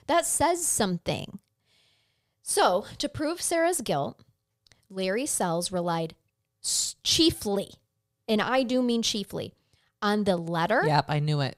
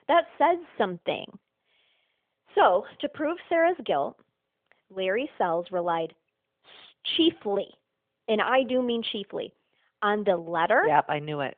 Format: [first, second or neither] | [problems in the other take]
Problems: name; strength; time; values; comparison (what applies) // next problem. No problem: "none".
first | phone-call audio; nothing above 3.5 kHz